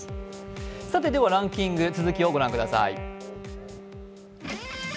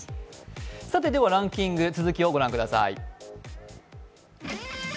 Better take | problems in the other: second | background sound (Wind instrument, woodwind instrument); 12 dB below the speech

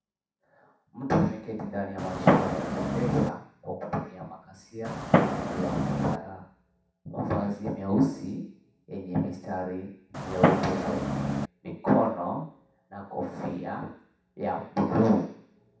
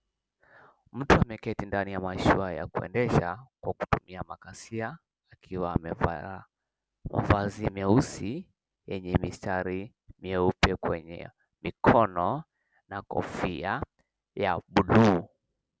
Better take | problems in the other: second | background sound (Fireworks); 4 dB above the speech // room echo; dies away in 0.7 s

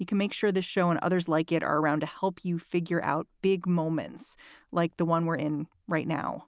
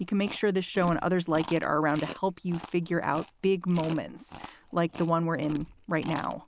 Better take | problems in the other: first | background sound (Chewing, mastication); 16 dB below the speech

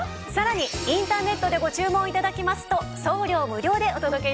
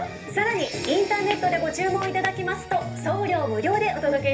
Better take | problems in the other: first | background sound (Squeak / Walk, footsteps); 16 dB below the speech // room echo; dies away in 0.3 s

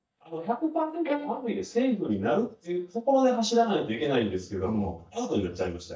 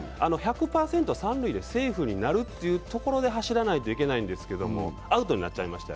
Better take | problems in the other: second | noise reduction (neural mask model DeepFilterNet 3)

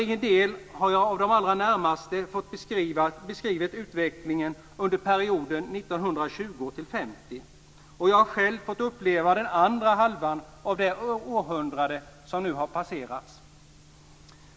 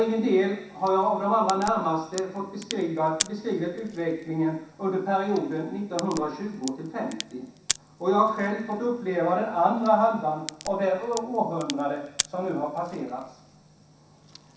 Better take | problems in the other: first | background sound (Crack); 13 dB below the speech // room echo; dies away in 0.7 s

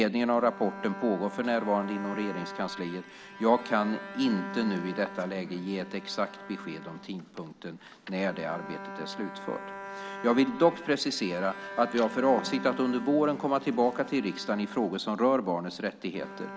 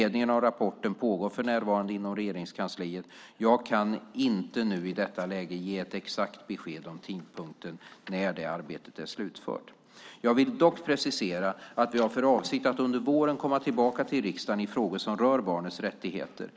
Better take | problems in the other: second | background sound (Bowed string instrument); 13 dB below the speech

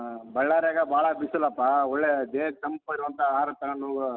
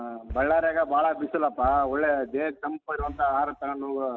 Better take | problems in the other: first | background sound (Boom); 17 dB below the speech

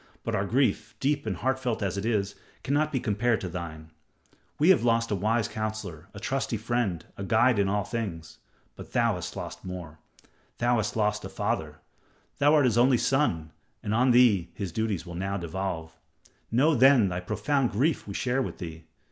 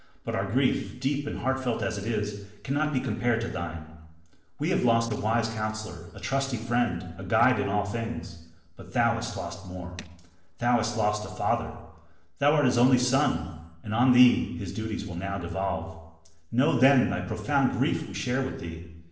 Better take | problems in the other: first | noise reduction (neural separator model SepFormer DNS4)

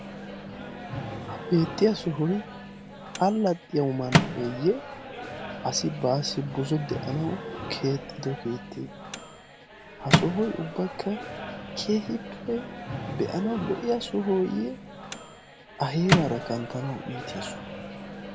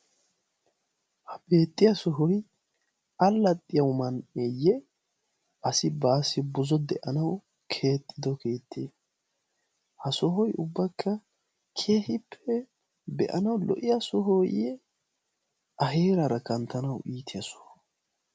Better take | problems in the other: second | background sound (Microwave oven); 3 dB below the speech

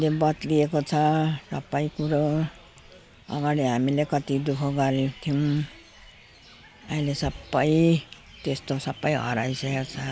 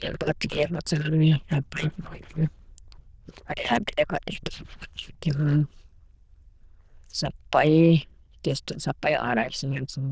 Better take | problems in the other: first | noise reduction (neural diffusion model UNIVERSE++)

